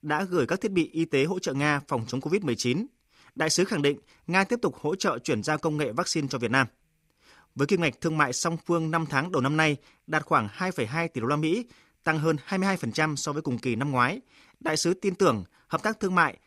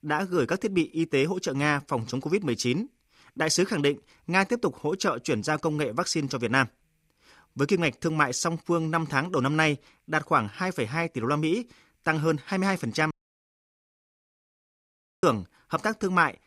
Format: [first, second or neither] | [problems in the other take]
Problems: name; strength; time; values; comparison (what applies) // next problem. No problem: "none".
first | audio cutting out; at 13 s for 2 s